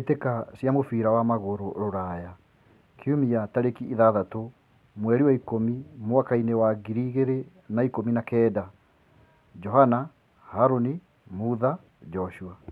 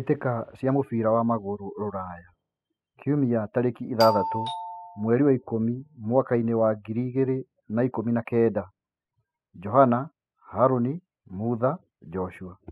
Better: first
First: none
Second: noise reduction (classical method spectral subtraction)

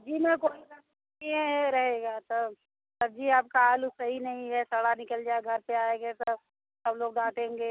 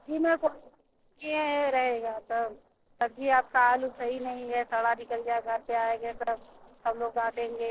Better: first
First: none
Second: noise reduction (neural separator model SepFormer DNS4)

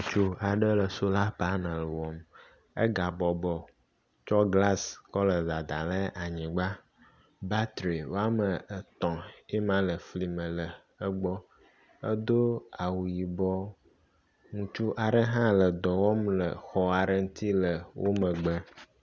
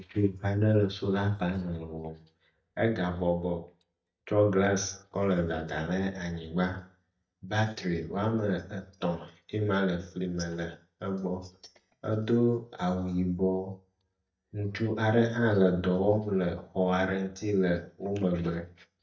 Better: first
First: none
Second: noise reduction (neural mask model DeepFilterNet 3)

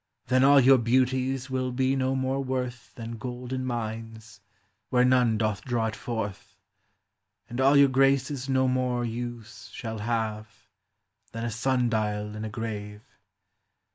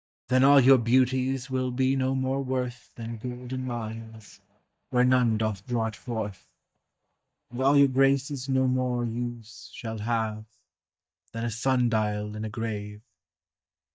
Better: first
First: none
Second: noise reduction (neural mask model DeepFilterNet 3)

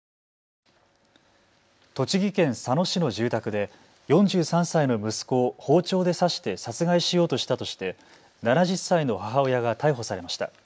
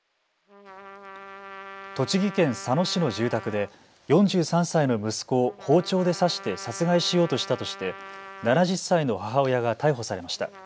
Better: first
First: none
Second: background sound (Trumpet); 18 dB below the speech

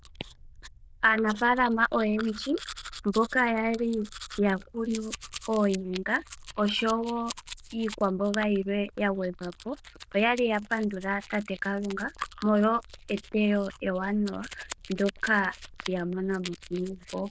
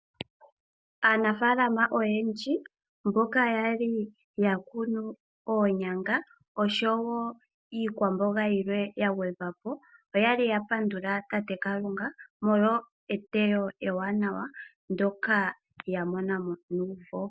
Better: second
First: noise reduction (neural diffusion model UNIVERSE++)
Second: none

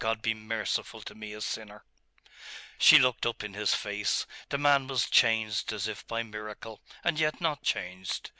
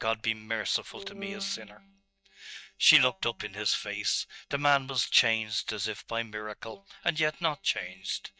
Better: first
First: none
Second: noise reduction (neural mask model DeepFilterNet 3)

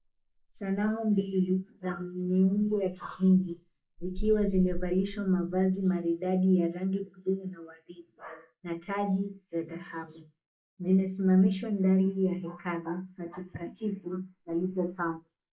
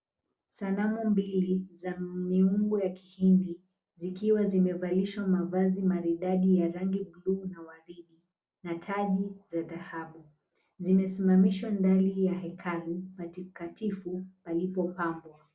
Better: second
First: noise reduction (neural mask model Resemble Enhance denoiser)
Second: none

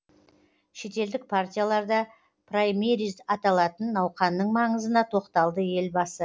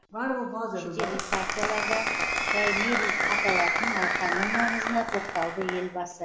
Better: first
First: none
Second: background sound (Applause); 4 dB above the speech // room echo; dies away in 2.3 s

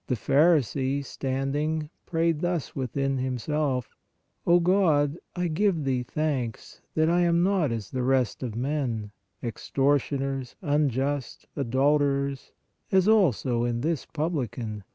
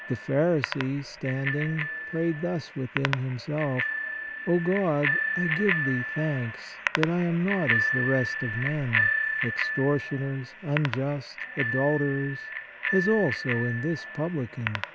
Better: first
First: none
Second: background sound (Bicycle bell); 3 dB below the speech

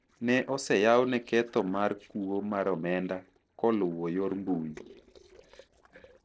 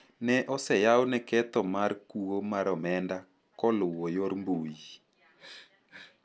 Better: second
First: noise reduction (neural separator model SepFormer DNS4)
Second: none

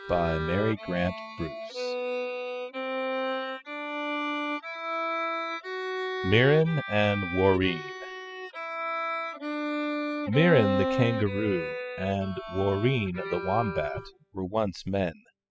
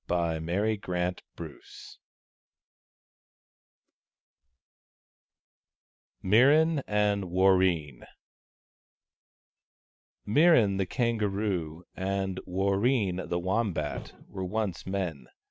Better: second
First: noise reduction (classical method spectral subtraction)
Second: none

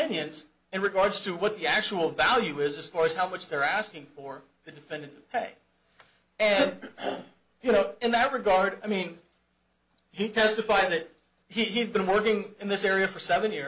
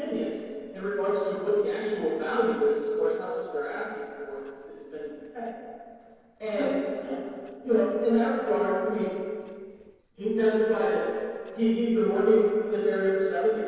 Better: first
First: none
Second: noise reduction (neural separator model SepFormer DNS4)

